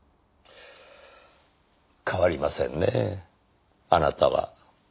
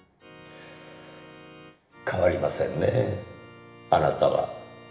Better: first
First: none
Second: background sound (Organ); 20 dB below the speech // room echo; dies away in 1 s

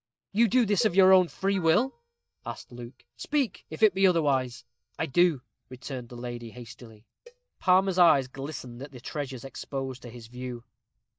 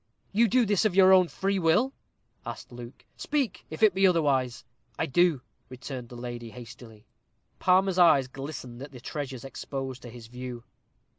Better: second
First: noise reduction (neural mask model DeepFilterNet 3)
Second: none

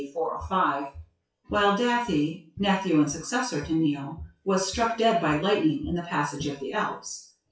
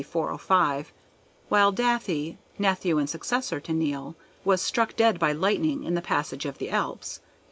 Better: second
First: noise reduction (classical method WPE with log-MMSE)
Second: none

